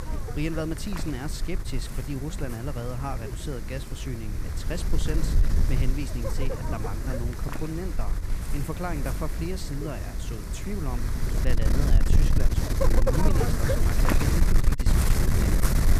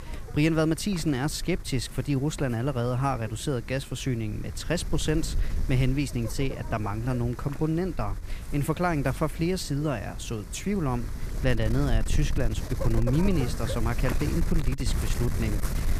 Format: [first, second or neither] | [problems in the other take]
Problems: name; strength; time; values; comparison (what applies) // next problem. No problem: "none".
second | wind noise on the microphone; heavy; 2 dB above the speech; occasional gusts in the second